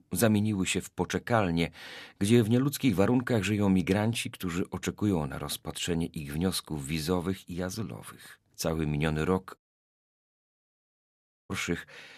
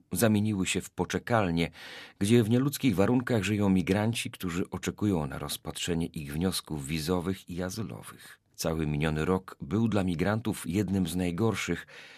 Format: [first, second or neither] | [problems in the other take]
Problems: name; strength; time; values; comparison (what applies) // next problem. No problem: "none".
second | audio cutting out; at 9.5 s for 2 s